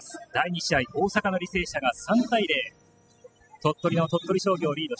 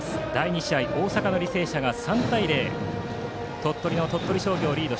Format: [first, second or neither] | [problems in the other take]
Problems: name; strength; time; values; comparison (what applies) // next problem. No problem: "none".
second | noise reduction (classical method spectral subtraction)